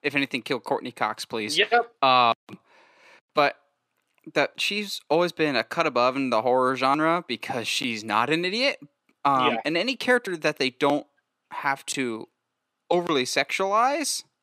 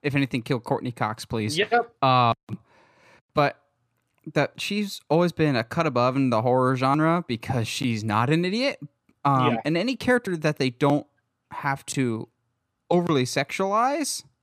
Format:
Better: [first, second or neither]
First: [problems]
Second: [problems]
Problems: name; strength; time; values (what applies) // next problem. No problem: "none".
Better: second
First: thin; very slightly; fading below 300 Hz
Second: none